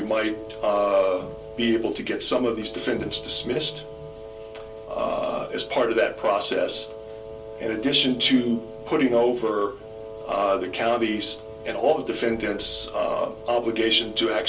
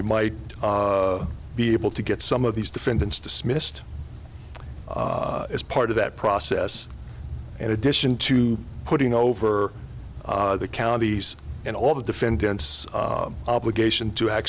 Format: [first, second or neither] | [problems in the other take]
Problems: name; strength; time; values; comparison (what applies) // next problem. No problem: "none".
second | background sound (Wind instrument, woodwind instrument); 14 dB below the speech // room echo; dies away in 0.3 s